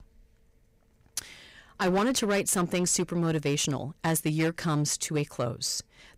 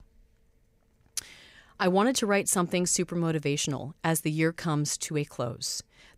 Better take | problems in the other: second | distortion; slight; 7% of the sound clipped

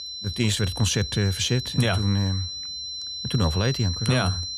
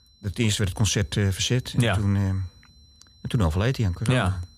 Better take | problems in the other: second | high-pitched whine; loud; throughout; 4 kHz, 6 dB below the speech; faint in the second

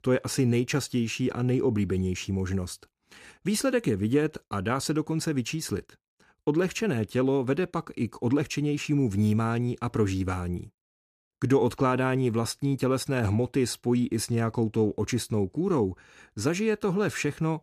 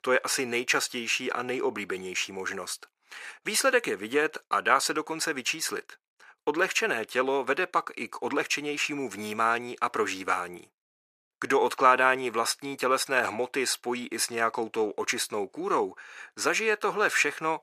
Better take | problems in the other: first | thin; very; fading below 650 Hz

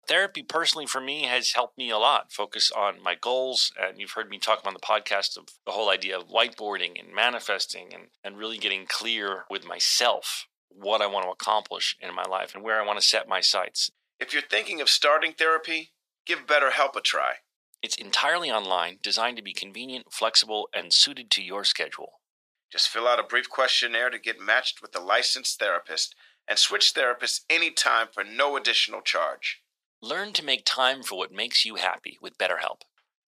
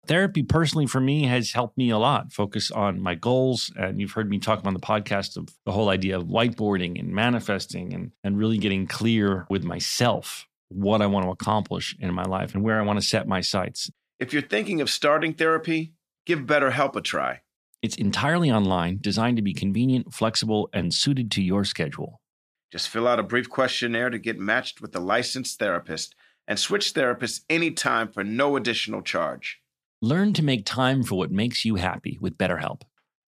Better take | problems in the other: second | thin; very; fading below 550 Hz

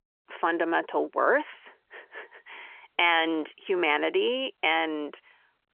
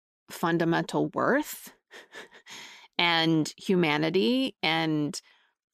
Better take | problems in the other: second | phone-call audio; nothing above 3.5 kHz

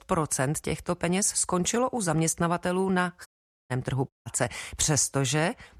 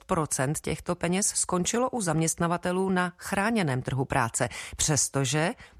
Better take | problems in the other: second | audio cutting out; at 3.5 s and at 4 s

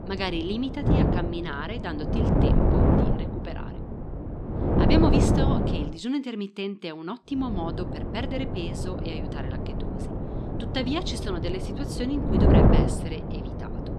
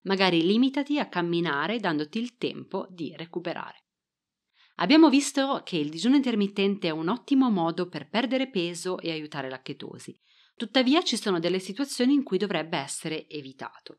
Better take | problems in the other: second | wind noise on the microphone; heavy; until 6 s and from 7.5 s on; 3 dB above the speech

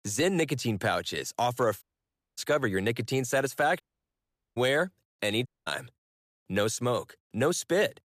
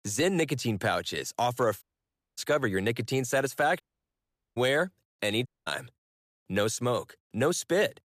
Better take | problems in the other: neither | audio cutting out; at 2 s for 0.5 s, at 4 s for 1 s and at 5.5 s; the same in both

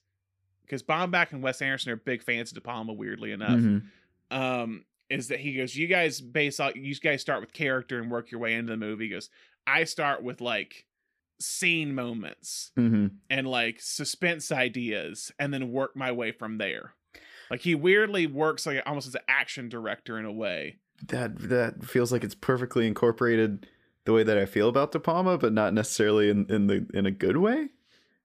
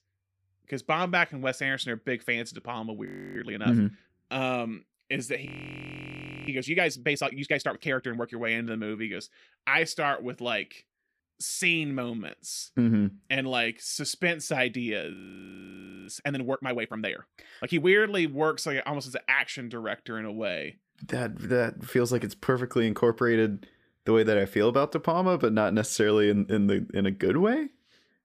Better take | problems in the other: first | audio freezing; at 3 s, at 5.5 s for 1 s and at 15 s for 1 s

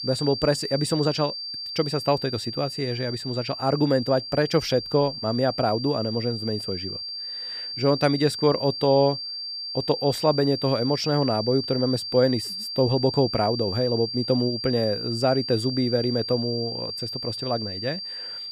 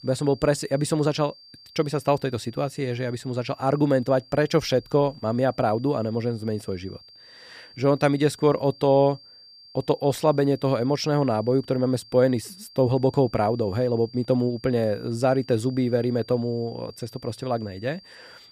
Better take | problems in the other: second | high-pitched whine; loud; throughout; 4.5 kHz, 6 dB below the speech; faint in the second

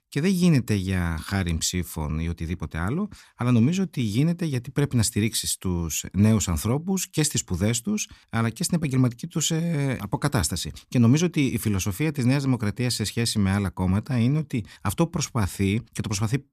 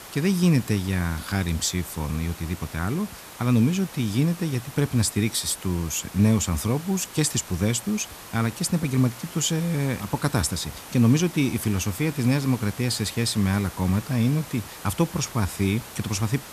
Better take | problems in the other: first | hiss; noticeable; throughout; 15 dB below the speech

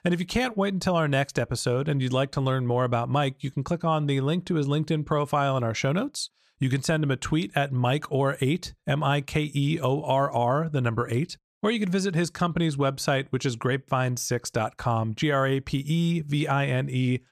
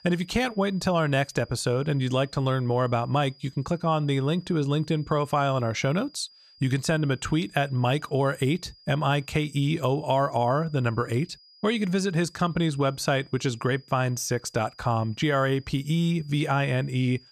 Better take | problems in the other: first | high-pitched whine; faint; throughout; 5 kHz, 25 dB below the speech

